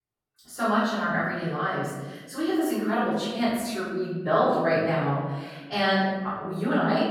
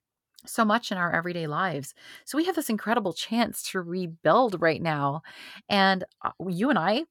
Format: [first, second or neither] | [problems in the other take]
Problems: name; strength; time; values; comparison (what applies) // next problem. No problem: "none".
second | off-mic speech; far // room echo; strong; dies away in 1.2 s